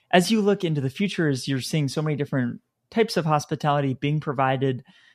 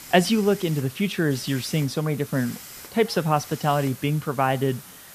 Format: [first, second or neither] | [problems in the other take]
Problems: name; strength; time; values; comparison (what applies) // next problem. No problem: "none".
first | hiss; noticeable; throughout; 15 dB below the speech